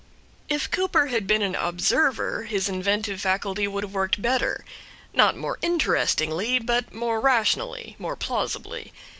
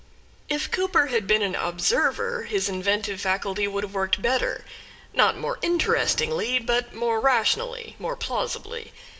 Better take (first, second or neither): first